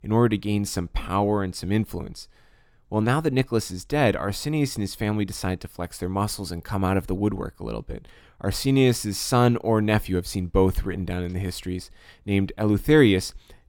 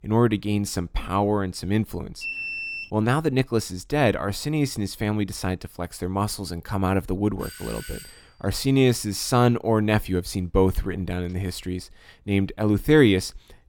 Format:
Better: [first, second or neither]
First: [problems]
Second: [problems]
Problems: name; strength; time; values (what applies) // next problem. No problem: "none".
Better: first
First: none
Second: alarm; noticeable; at 2 s; peak 4 dB below the speech // doorbell; faint; at 7.5 s; peak 15 dB below the speech